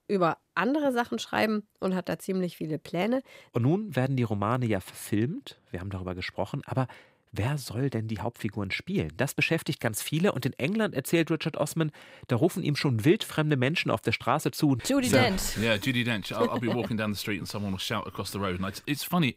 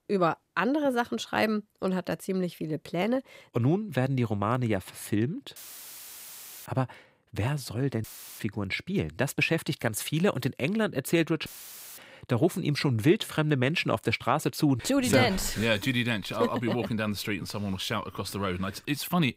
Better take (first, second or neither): first